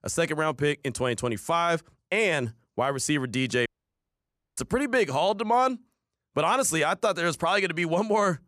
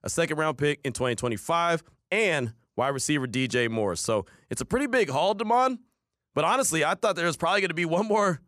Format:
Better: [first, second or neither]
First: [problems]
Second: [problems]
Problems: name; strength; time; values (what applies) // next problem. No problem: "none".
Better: second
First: audio cutting out; at 3.5 s for 1 s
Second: none